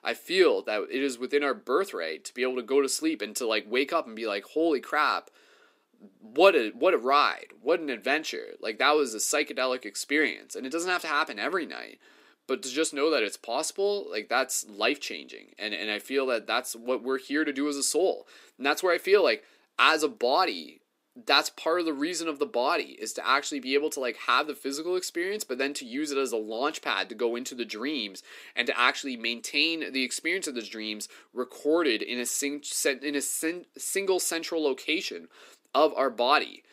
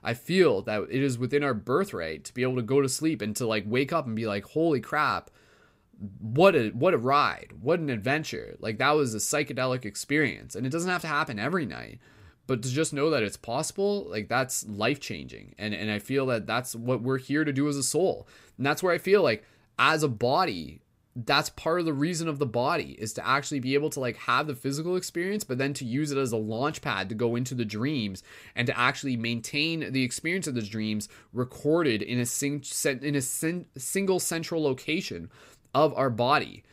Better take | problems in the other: second | thin; very slightly; fading below 300 Hz

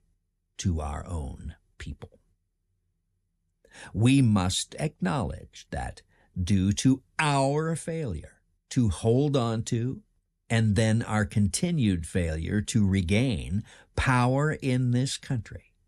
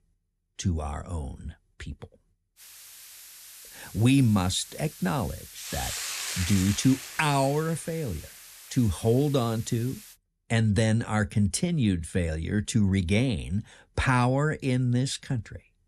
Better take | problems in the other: first | hiss; noticeable; from 2.5 to 10 s; 10 dB below the speech

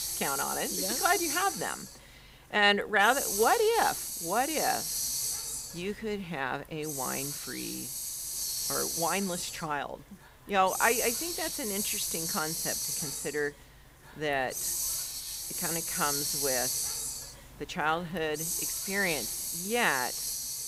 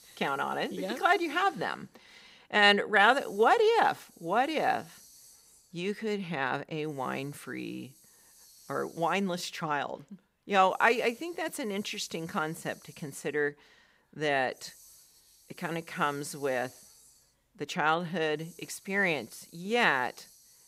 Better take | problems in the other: second | hiss; loud; throughout; 1 dB below the speech; faint in the second

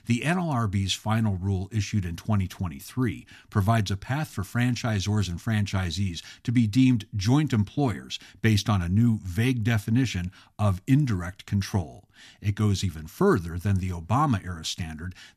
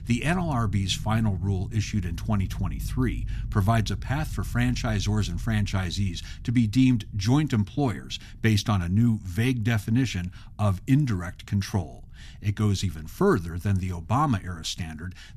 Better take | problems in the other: first | low rumble; faint; throughout; 25 dB below the speech

